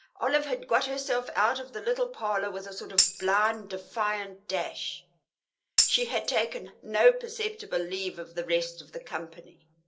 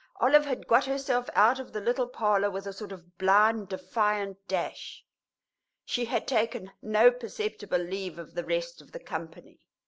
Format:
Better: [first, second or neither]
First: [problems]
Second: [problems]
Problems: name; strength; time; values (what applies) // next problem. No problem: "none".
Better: second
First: background sound (Tambourine); 1 dB below the speech // room echo; dies away in 0.2 s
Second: none